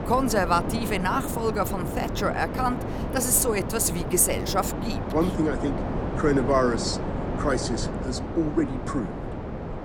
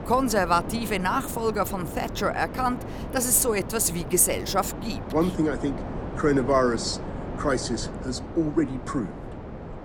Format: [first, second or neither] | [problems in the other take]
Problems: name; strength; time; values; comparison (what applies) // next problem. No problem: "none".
second | wind noise on the microphone; heavy; 7 dB below the speech; occasional gusts in the second